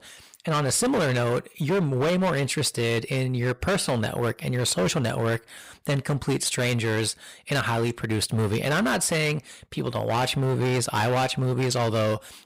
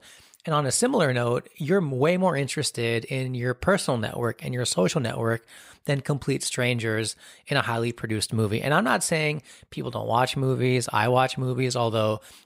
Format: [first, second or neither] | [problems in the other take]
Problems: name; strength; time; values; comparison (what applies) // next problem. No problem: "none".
second | distortion; heavy; 18% of the sound clipped